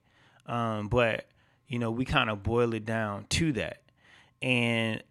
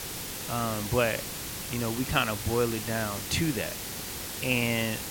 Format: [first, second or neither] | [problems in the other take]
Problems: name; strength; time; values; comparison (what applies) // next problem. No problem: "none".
first | hiss; loud; throughout; 5 dB below the speech